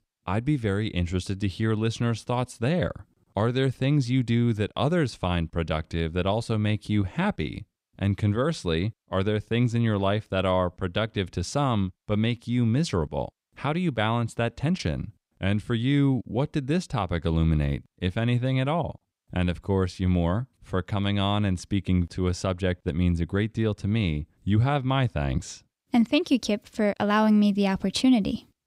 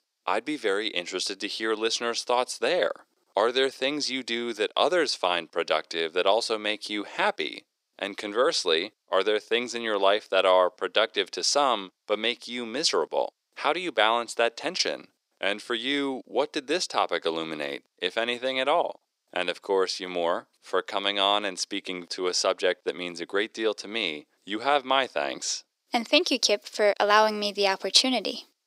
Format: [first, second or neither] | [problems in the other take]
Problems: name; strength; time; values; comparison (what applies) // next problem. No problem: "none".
first | thin; very; fading below 400 Hz